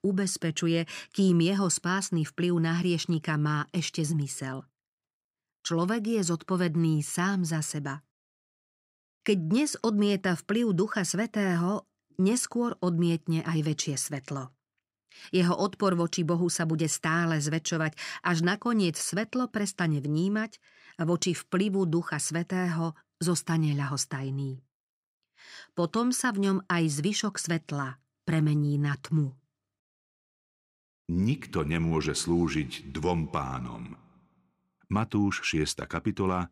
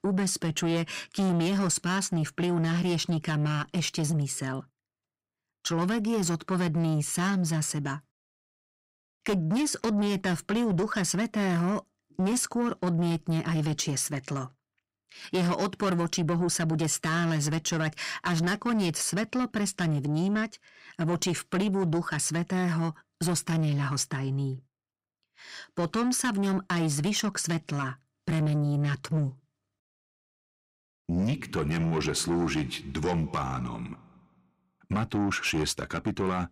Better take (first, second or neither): first